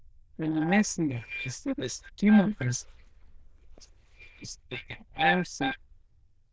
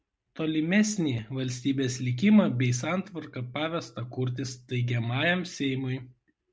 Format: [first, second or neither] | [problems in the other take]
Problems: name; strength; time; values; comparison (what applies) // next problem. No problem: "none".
second | noise reduction (neural diffusion model UNIVERSE++)